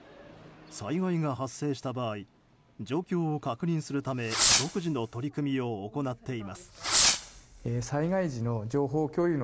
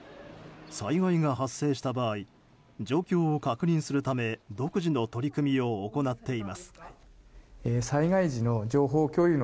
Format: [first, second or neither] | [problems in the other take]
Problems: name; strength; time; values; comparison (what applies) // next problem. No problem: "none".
second | background sound (Fireworks); 2 dB above the speech